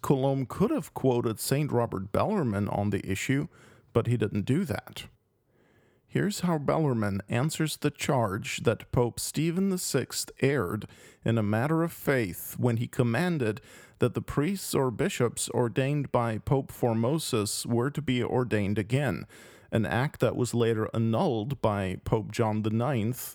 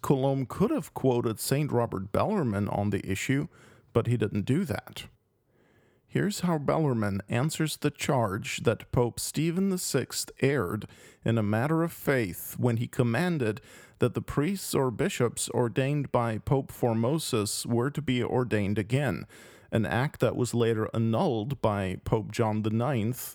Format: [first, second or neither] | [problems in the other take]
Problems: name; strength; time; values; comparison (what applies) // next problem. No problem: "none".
neither | none